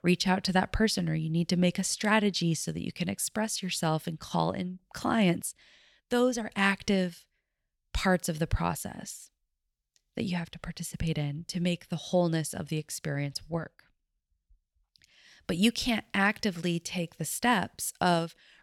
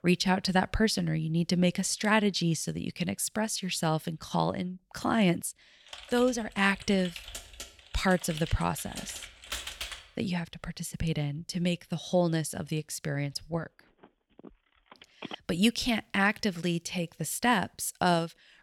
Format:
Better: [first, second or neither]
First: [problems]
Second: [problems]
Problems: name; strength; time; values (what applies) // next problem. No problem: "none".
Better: first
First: none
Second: keyboard typing; noticeable; from 6 to 10 s; peak 6 dB below the speech // phone ringing; faint; from 14 to 15 s; peak 15 dB below the speech